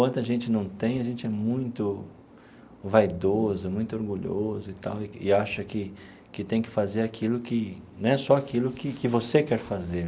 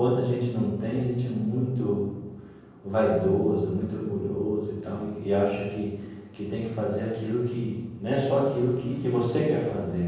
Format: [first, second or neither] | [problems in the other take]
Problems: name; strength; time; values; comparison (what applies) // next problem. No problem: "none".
first | room echo; dies away in 1.3 s